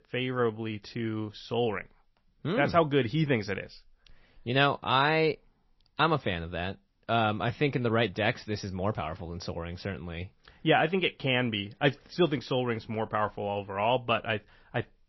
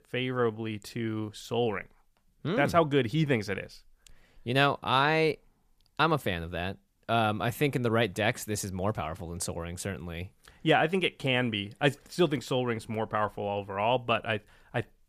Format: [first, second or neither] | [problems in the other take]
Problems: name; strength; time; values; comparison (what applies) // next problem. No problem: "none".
second | garbled, watery; slightly; nothing above 5.5 kHz